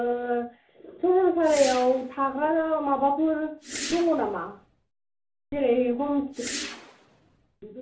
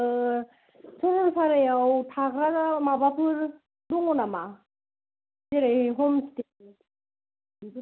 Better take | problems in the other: second | background sound (Whoosh, swoosh, swish); 12 dB below the speech // room echo; dies away in 0.2 s

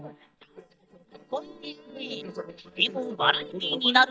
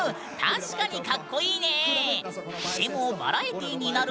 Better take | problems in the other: second | noise reduction (neural mask model DeepFilterNet 3)

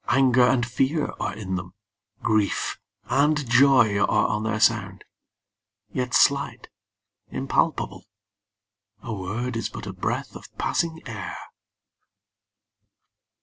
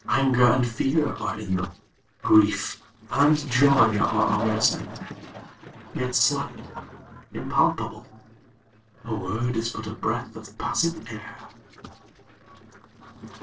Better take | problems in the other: first | noise reduction (neural separator model SepFormer DNS4)

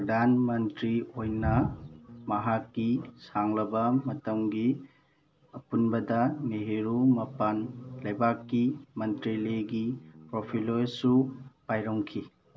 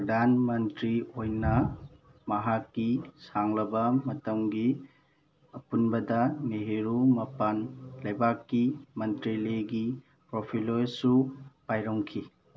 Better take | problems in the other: second | background sound (Bass guitar); 19 dB below the speech

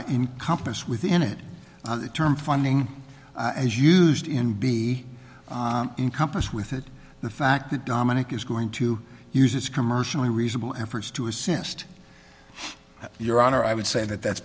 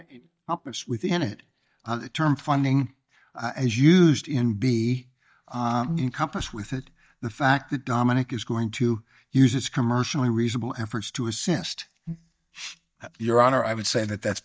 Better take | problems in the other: first | noise reduction (neural mask model DeepFilterNet 3)

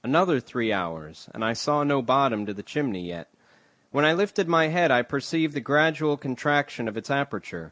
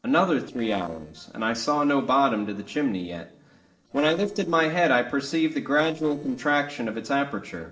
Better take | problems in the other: first | noise reduction (neural separator model SepFormer DNS4)

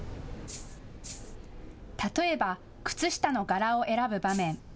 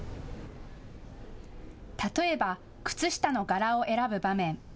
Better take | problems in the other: second | background sound (Rattle (instrument)); 15 dB below the speech

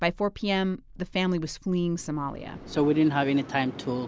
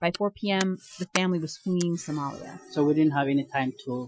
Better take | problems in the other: first | noise reduction (classical method Wiener filter)

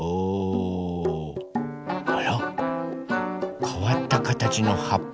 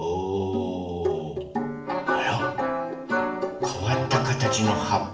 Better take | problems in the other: first | room echo; dies away in 0.7 s

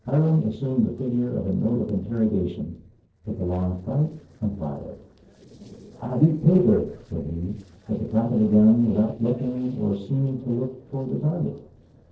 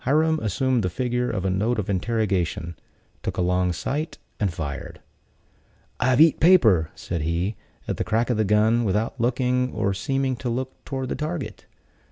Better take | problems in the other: second | noise reduction (neural separator model SepFormer DNS4)

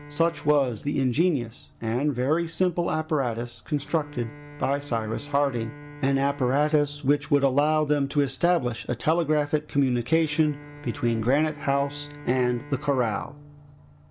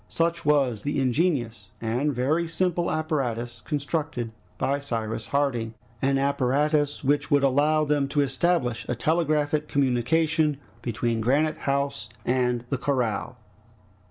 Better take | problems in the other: second | background sound (Bowed string instrument); 19 dB below the speech

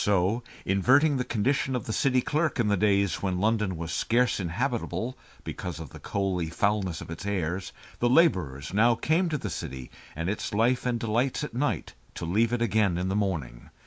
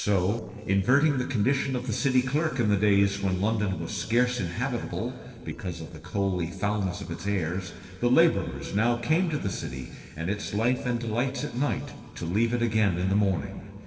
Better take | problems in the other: first | noise reduction (neural separator model SepFormer DNS4)

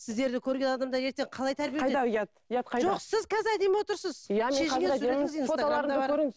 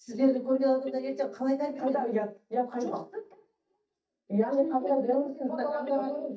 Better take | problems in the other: first | noise reduction (neural mask model DeepFilterNet 3)

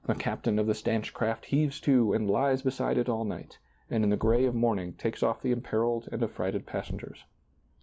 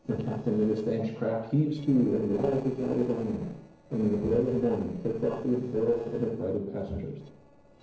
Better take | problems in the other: first | noise reduction (neural separator model SepFormer DNS4)

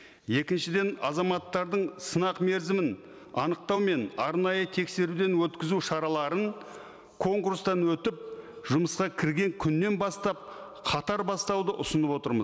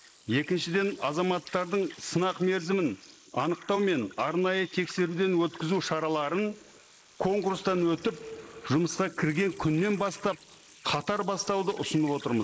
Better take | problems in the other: first | noise reduction (neural mask model Resemble Enhance denoiser)

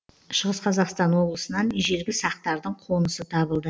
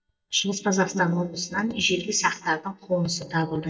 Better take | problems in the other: first | noise reduction (neural mask model DeepFilterNet 3)

